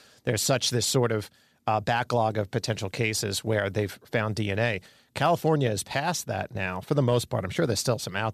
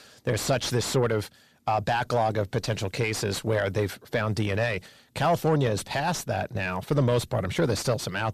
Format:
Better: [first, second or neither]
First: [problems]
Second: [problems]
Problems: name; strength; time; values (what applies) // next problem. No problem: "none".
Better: first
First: none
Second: distortion; slight; 9 dB below the speech